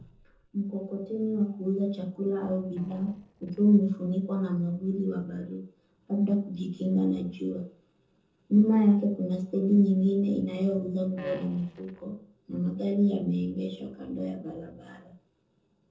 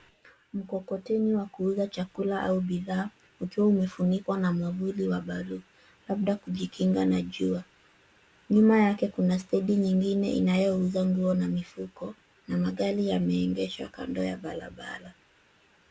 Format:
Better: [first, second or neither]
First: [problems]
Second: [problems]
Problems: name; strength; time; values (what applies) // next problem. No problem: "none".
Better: second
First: noise reduction (neural separator model SepFormer DNS4)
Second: none